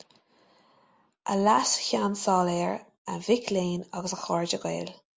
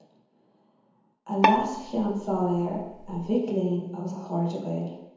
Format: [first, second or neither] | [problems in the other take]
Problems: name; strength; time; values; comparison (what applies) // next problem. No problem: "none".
first | background sound (Bowed string instrument); 1 dB below the speech // room echo; dies away in 1 s